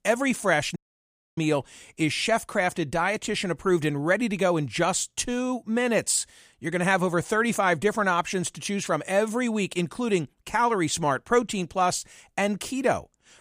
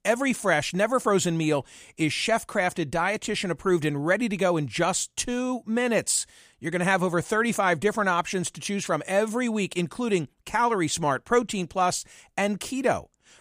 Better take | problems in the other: second | audio cutting out; at 1 s for 0.5 s

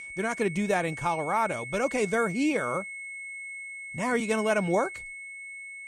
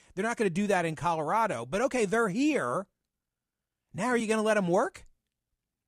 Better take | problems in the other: second | high-pitched whine; loud; throughout; 2 kHz, 9 dB below the speech

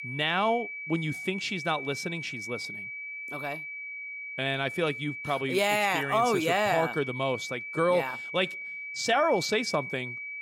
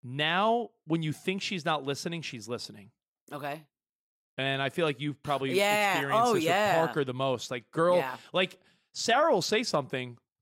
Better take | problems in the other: second | high-pitched whine; loud; throughout; 2.5 kHz, 7 dB below the speech

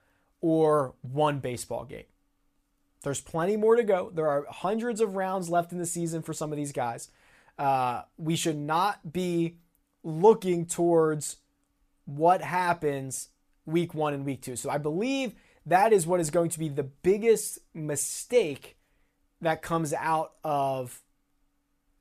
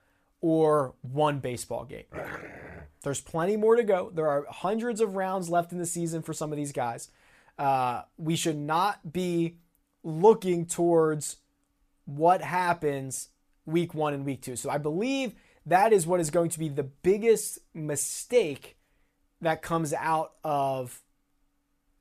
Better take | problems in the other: first | dog barking; faint; at 2 s; peak 10 dB below the speech

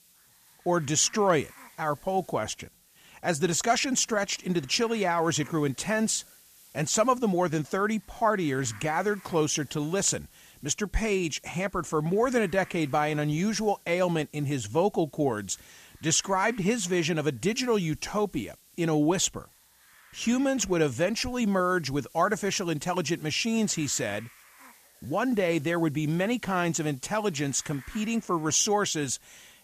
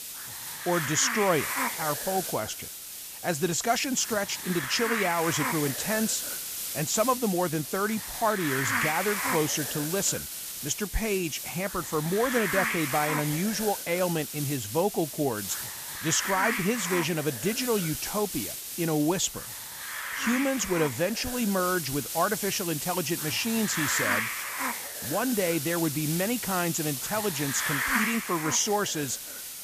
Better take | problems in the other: first | hiss; loud; throughout; 3 dB below the speech; faint in the first

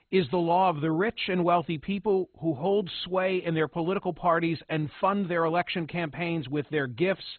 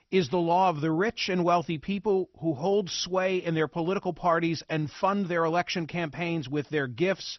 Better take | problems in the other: second | garbled, watery; badly; nothing above 4 kHz; slightly in the second

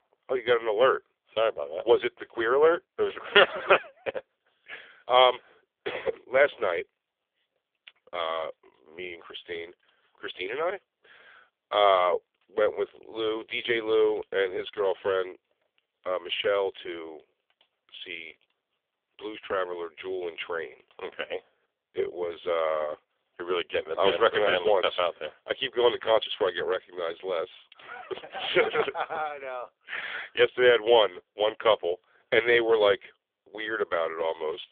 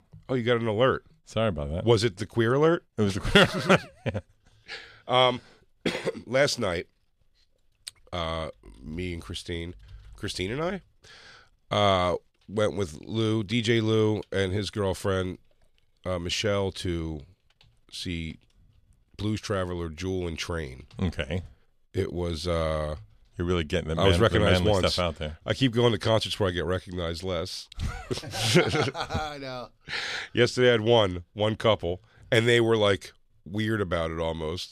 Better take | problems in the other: second | phone-call audio; poor line; nothing above 3.5 kHz

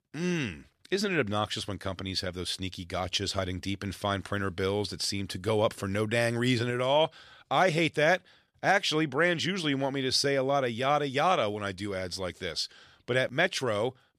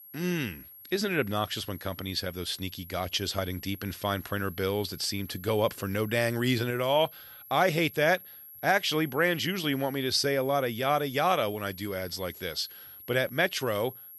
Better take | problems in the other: first | high-pitched whine; noticeable; throughout; 11.5 kHz, 15 dB below the speech

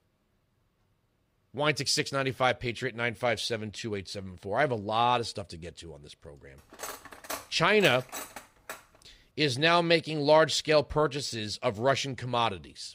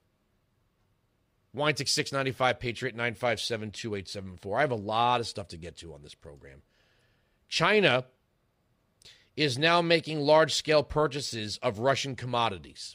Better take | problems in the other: second | clattering dishes; faint; from 6.5 to 9 s; peak 10 dB below the speech

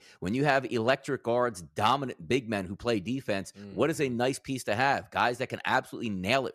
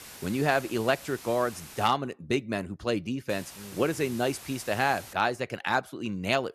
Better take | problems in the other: first | hiss; noticeable; until 2 s and from 3.5 to 5 s; 15 dB below the speech

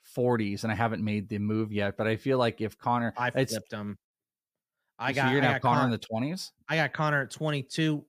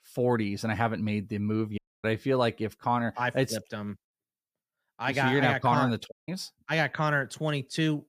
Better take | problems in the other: first | audio cutting out; at 2 s and at 6 s

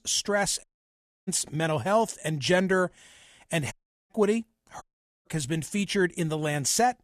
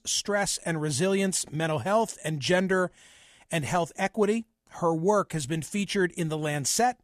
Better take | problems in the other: second | audio cutting out; at 0.5 s for 0.5 s, at 3.5 s and at 5 s

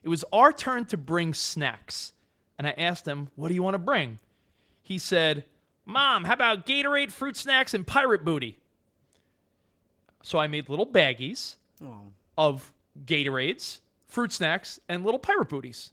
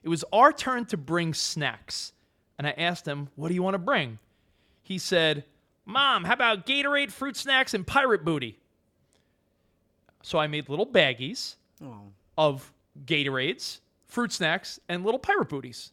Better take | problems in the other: second | garbled, watery; slightly

